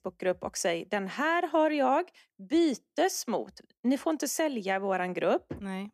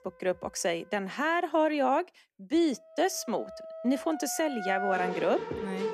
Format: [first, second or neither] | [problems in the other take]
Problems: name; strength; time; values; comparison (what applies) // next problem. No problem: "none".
first | background music; loud; throughout; 7 dB below the speech